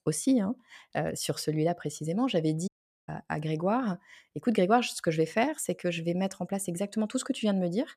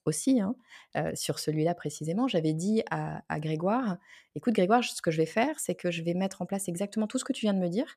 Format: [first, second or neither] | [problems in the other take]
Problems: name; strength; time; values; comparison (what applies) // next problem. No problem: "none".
second | audio cutting out; at 2.5 s